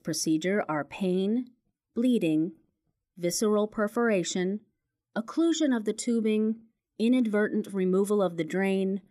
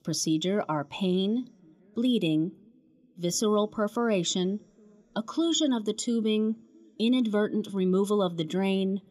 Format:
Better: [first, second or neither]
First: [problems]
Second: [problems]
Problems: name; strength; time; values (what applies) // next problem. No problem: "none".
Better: first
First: none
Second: room echo; very slight; dies away in 3 s